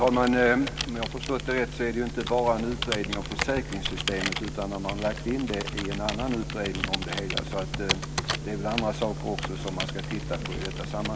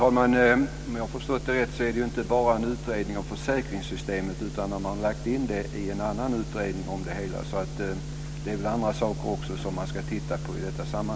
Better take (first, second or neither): second